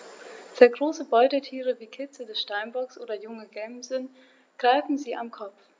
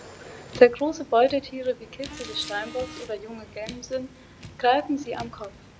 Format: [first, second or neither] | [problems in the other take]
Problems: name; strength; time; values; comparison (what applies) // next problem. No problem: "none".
first | background sound (Car); 17 dB below the speech